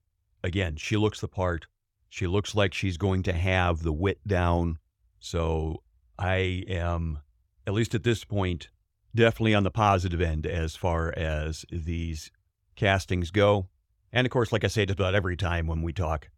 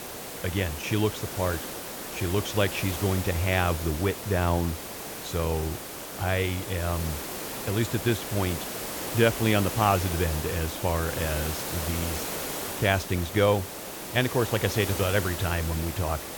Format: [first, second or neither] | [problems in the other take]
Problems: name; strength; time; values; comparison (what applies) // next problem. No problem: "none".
first | hiss; loud; throughout; 6 dB below the speech